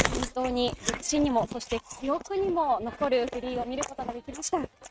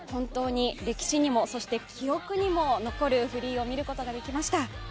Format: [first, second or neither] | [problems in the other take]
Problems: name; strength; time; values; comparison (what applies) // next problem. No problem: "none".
second | noise reduction (neural mask model RNNoise)